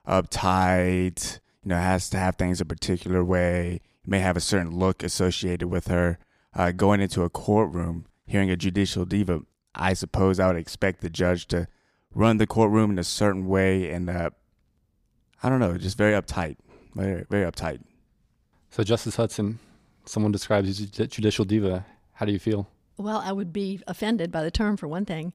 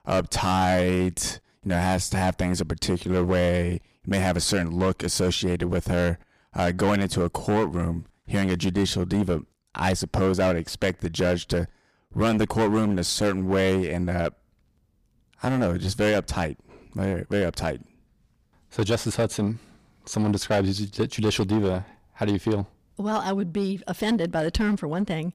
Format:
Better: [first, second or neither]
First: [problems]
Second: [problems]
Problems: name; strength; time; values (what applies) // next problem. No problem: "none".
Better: first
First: none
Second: distortion; heavy; 10% of the sound clipped